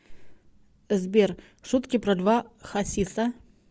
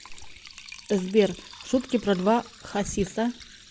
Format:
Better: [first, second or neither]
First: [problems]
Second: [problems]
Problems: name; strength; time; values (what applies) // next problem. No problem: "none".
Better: first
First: none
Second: background sound (Liquid); 19 dB below the speech